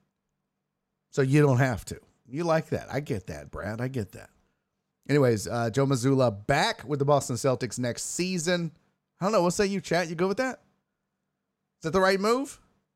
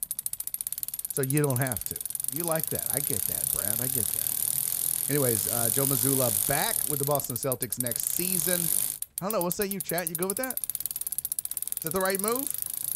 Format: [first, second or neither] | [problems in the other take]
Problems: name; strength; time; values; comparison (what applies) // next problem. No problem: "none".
first | traffic noise; very loud; throughout; 4 dB above the speech